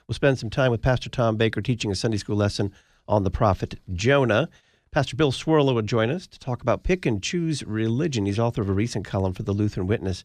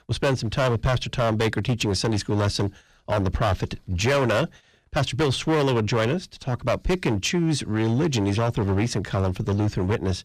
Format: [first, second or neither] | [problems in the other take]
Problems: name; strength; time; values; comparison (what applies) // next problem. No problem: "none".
first | distortion; heavy; 14% of the sound clipped